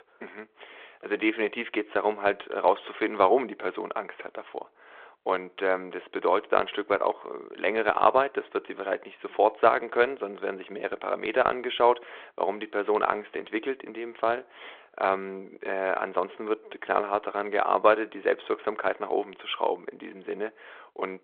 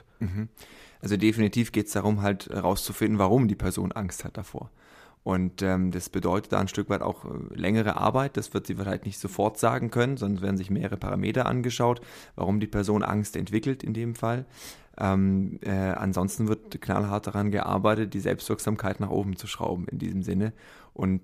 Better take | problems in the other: second | phone-call audio

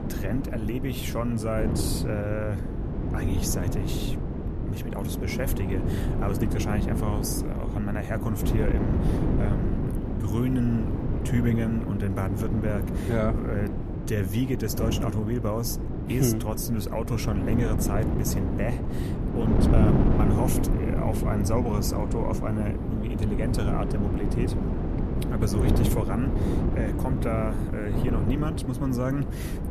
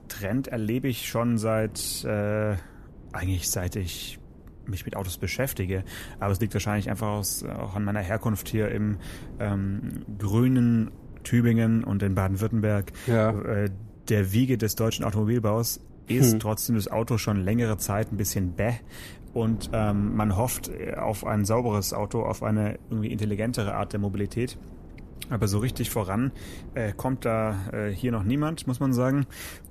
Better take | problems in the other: second | wind noise on the microphone; heavy; 1 dB below the speech; occasional gusts in the second

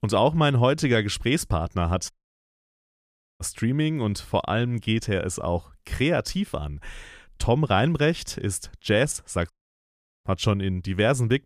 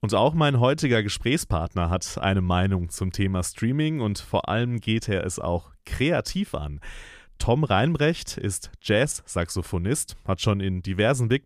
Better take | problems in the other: second | audio cutting out; at 2 s for 1.5 s and at 9.5 s for 0.5 s

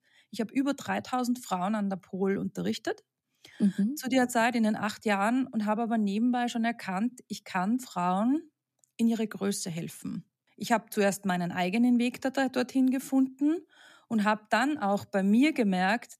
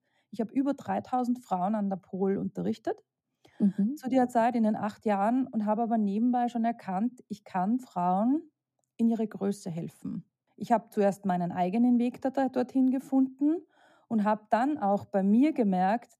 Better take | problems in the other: first | muffled; slightly; fading above 1 kHz

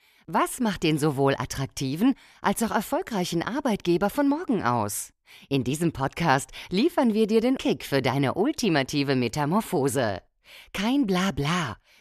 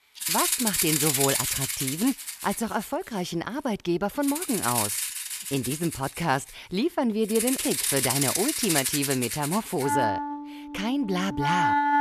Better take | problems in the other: first | background music; very loud; throughout; 2 dB above the speech

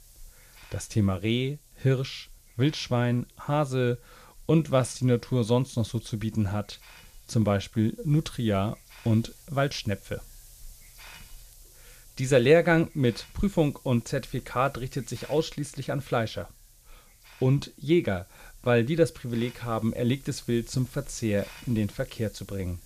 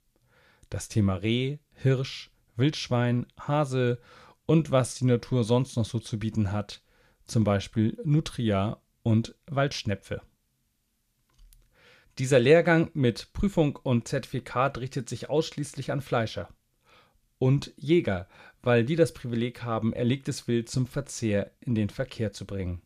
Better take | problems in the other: second | hiss; faint; throughout; 25 dB below the speech

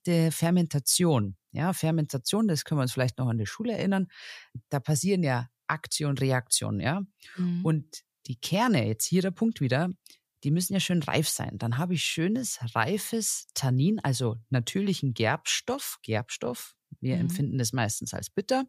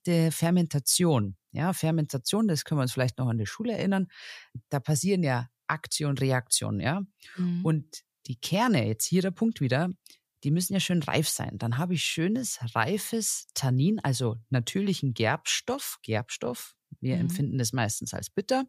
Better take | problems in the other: neither | none

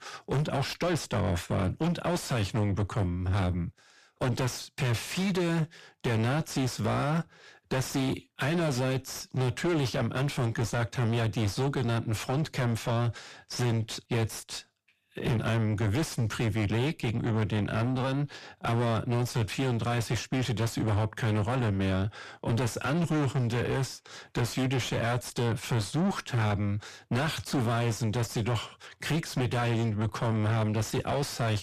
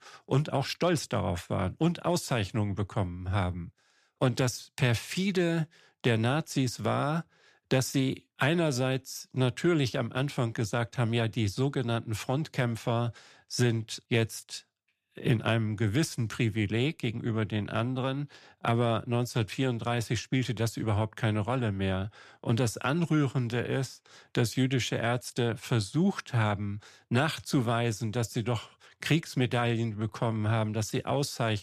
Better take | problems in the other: second | distortion; heavy; 6 dB below the speech

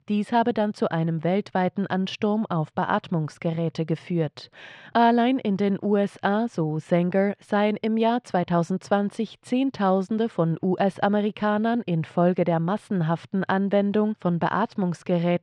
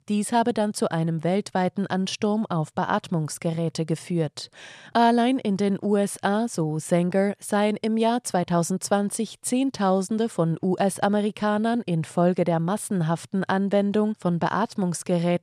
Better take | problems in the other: second | muffled; slightly; fading above 3 kHz

